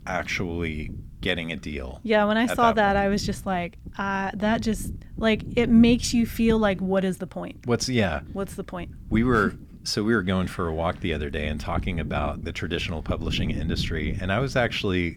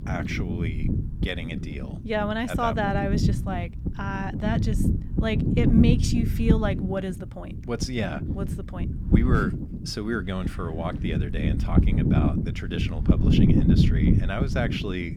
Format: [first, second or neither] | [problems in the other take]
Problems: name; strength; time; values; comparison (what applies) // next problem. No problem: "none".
first | wind noise on the microphone; heavy; 3 dB below the speech; occasional gusts in the first